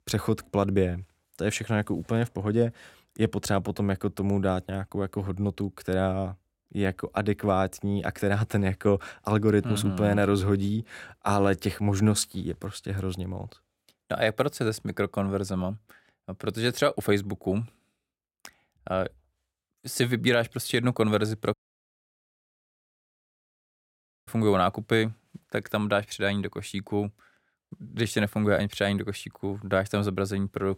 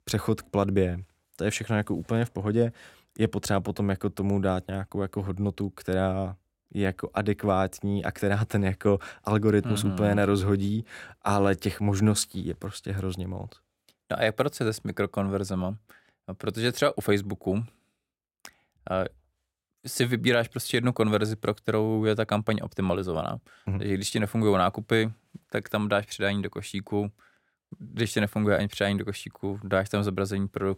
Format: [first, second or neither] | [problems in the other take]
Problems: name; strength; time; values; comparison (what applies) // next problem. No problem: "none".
second | audio cutting out; at 22 s for 2.5 s